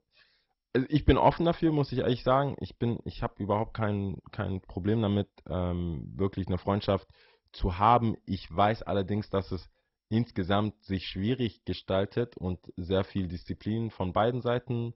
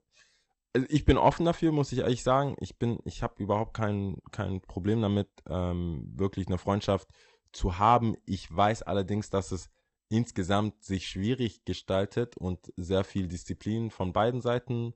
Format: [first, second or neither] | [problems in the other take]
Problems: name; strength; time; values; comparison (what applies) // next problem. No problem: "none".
second | garbled, watery; badly; nothing above 5.5 kHz; slightly in the second